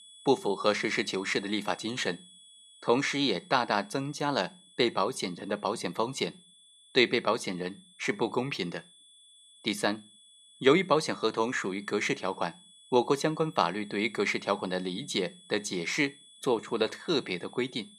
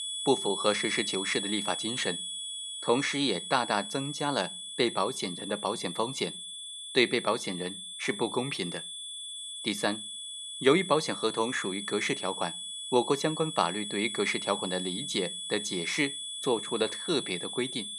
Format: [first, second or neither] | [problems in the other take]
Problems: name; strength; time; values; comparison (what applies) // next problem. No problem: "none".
first | high-pitched whine; loud; throughout; 3.5 kHz, 6 dB below the speech; faint in the first